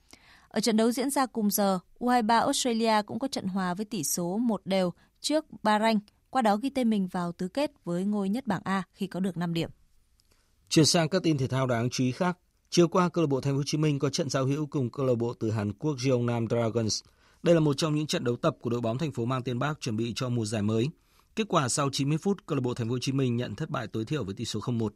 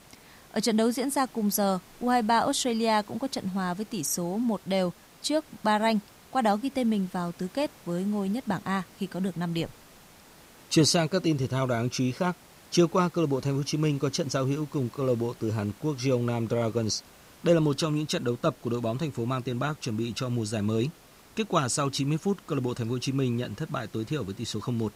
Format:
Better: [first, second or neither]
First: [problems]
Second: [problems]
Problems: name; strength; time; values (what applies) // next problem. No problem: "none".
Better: first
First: none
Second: hiss; faint; throughout; 25 dB below the speech